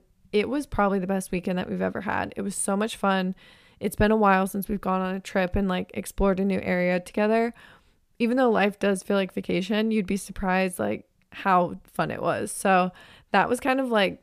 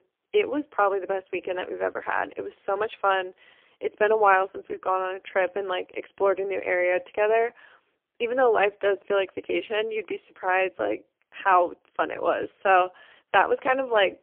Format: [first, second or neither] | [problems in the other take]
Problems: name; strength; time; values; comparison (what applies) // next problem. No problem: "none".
first | phone-call audio; poor line; nothing above 3 kHz